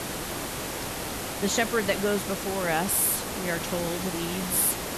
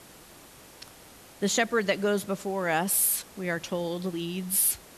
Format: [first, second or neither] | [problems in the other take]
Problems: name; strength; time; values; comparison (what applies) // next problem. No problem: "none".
second | hiss; loud; throughout; 5 dB below the speech; faint in the second